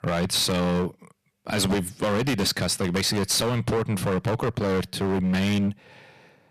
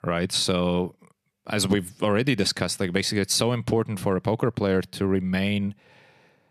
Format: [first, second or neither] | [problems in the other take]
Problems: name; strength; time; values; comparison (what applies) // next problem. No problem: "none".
second | distortion; heavy; 19% of the sound clipped